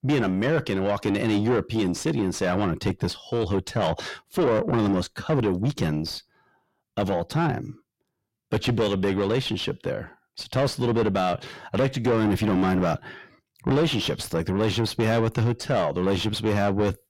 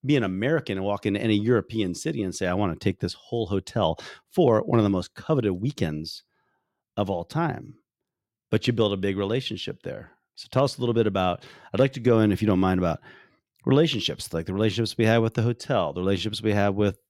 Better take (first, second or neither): second